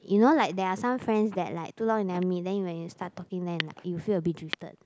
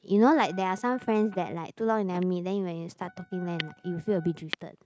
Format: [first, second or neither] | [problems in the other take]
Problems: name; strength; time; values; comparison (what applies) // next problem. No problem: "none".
first | noise reduction (neural mask model RNNoise)